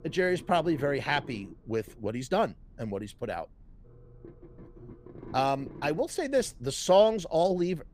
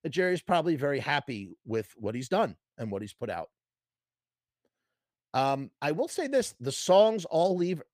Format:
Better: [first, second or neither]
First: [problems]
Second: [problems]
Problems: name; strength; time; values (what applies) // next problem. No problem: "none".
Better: second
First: low rumble; faint; throughout; 25 dB below the speech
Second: none